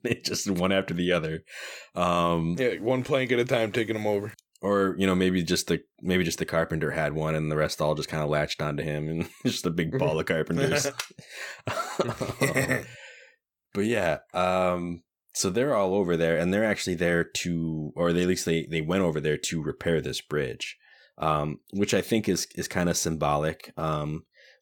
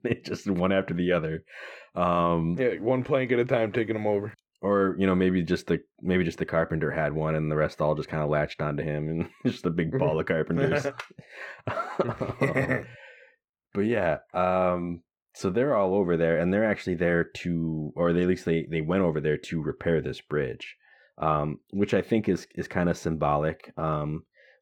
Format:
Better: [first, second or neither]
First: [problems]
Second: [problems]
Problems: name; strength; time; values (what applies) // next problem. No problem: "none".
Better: first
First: none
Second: muffled; very; fading above 3.5 kHz